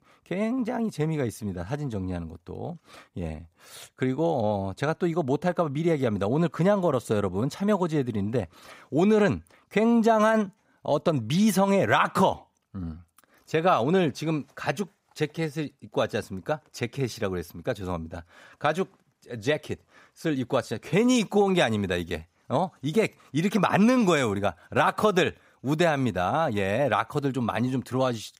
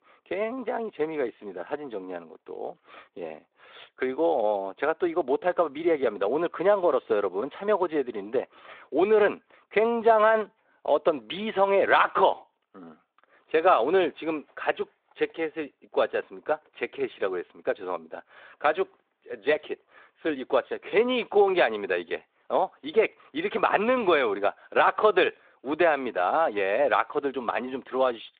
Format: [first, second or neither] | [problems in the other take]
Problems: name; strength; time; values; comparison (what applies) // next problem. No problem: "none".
first | phone-call audio; nothing above 3.5 kHz